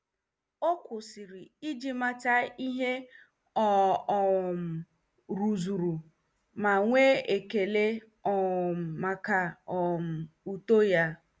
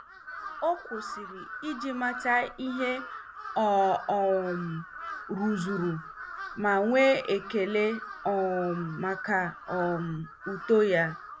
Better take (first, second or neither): first